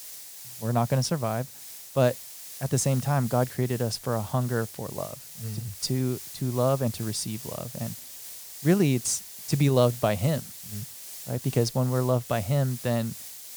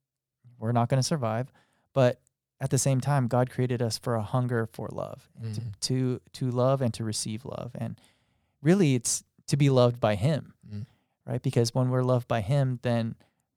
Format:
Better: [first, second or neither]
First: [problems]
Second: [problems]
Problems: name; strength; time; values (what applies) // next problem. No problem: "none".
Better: second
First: hiss; noticeable; throughout; 10 dB below the speech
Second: none